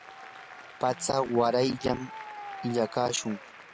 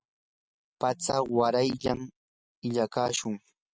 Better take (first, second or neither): second